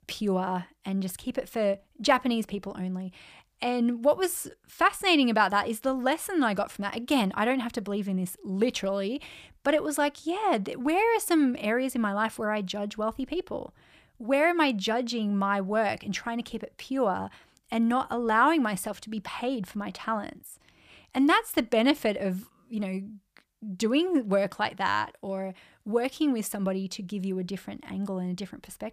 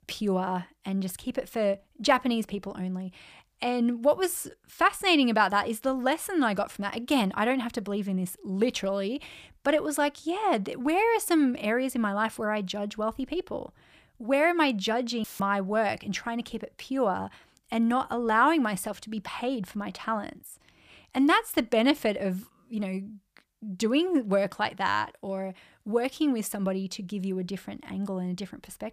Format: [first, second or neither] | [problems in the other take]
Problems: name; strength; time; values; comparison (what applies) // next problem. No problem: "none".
first | audio cutting out; filled with static; at 15 s